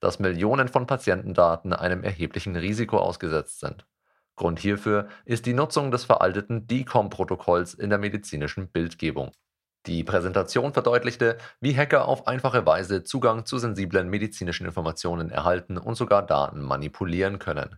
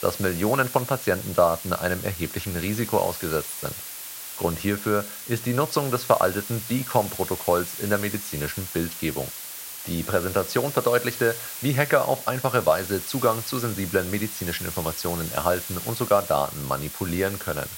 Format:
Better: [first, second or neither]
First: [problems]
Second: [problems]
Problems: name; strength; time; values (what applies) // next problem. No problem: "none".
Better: first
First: none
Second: hiss; loud; throughout; 8 dB below the speech